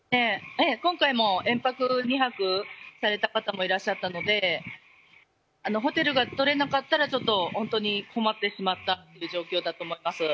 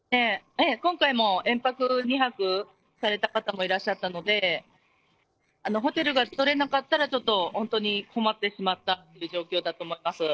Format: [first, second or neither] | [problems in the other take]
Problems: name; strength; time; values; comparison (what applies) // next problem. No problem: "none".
first | noise reduction (neural separator model SepFormer DNS4)